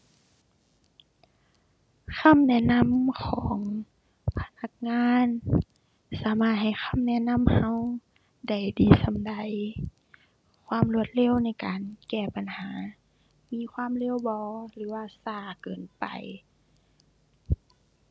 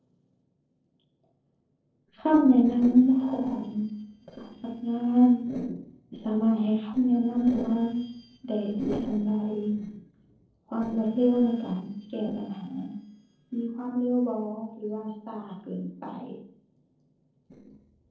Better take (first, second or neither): first